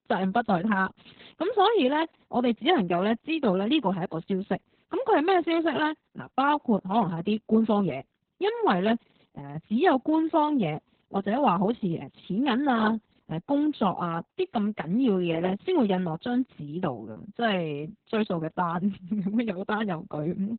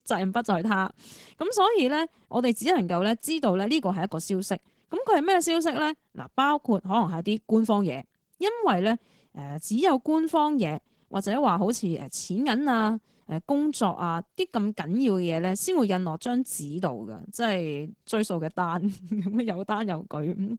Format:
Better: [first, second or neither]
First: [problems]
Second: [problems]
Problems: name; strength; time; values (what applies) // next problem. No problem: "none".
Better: second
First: garbled, watery; badly; nothing above 4 kHz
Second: garbled, watery; slightly